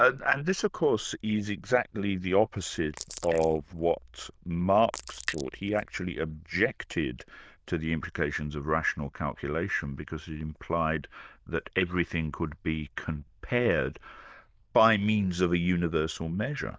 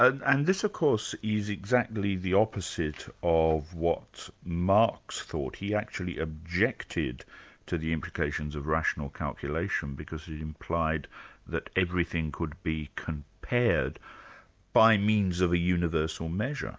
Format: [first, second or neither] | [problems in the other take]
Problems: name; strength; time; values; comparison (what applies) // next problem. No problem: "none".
second | noise reduction (neural diffusion model UNIVERSE++)